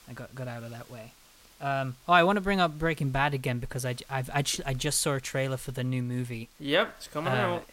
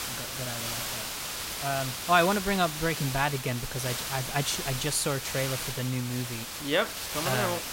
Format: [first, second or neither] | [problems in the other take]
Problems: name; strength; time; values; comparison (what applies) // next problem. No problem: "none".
first | hiss; loud; throughout; 4 dB below the speech; faint in the first